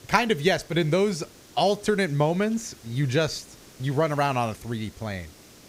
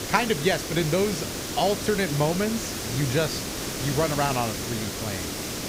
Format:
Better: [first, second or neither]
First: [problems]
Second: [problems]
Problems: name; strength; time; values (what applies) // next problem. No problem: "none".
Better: first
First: hiss; faint; throughout; 25 dB below the speech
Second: hiss; loud; throughout; 4 dB below the speech